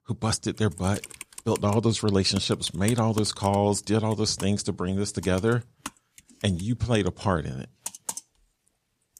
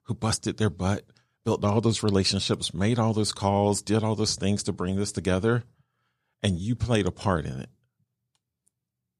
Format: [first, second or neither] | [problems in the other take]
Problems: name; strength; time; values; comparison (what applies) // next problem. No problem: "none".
second | keyboard typing; noticeable; from 1 to 8 s; peak 7 dB below the speech